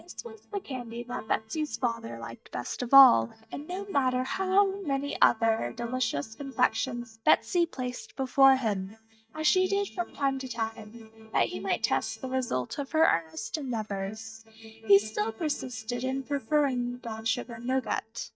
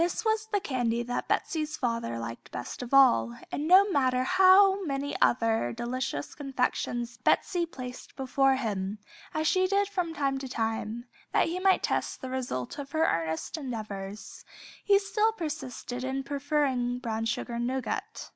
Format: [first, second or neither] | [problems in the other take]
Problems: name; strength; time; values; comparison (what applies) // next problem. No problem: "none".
second | noise reduction (neural mask model DeepFilterNet 3)